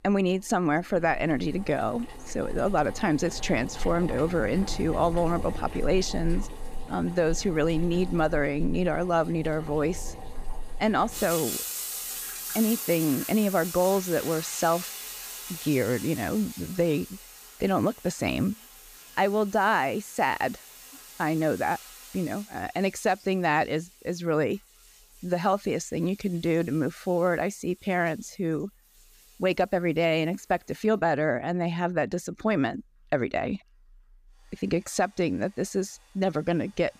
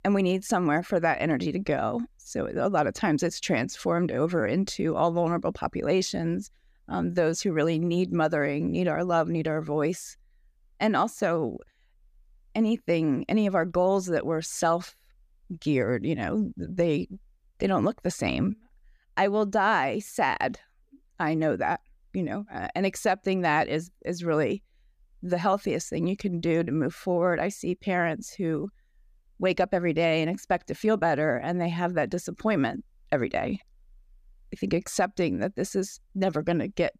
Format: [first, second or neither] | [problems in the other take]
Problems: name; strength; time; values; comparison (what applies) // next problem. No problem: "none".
second | household noises; noticeable; throughout; 10 dB below the speech